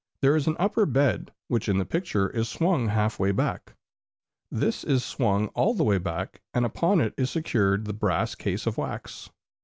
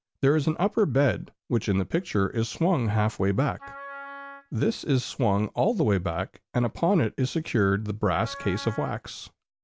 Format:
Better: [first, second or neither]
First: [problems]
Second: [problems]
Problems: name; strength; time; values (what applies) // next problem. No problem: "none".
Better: first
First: none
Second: background sound (Wind instrument, woodwind instrument); 17 dB below the speech